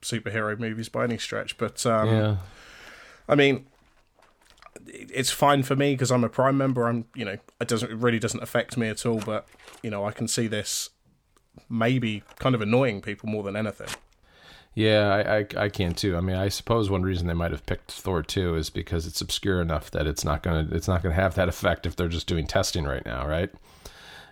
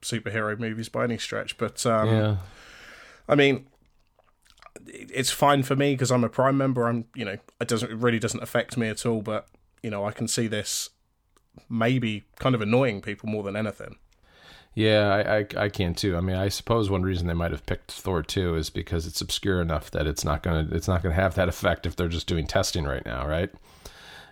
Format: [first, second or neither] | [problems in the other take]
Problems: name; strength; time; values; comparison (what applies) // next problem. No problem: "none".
second | household noises; faint; throughout; 20 dB below the speech